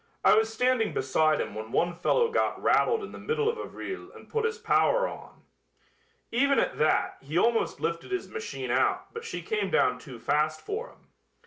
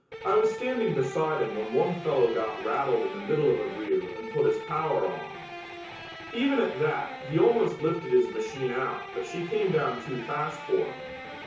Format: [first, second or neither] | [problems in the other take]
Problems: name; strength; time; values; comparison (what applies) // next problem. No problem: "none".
first | background sound (Electric guitar); 12 dB below the speech // room echo; dies away in 0.6 s